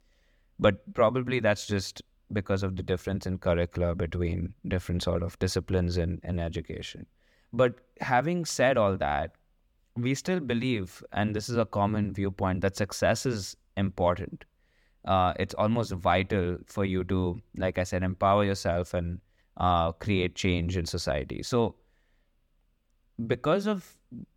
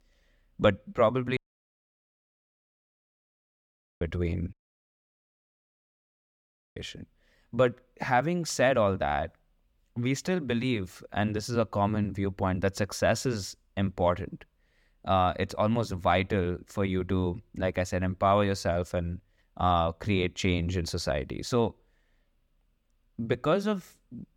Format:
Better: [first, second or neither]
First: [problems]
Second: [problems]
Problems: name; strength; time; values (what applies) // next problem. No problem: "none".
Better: first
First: none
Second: audio cutting out; at 1.5 s for 2.5 s and at 4.5 s for 2 s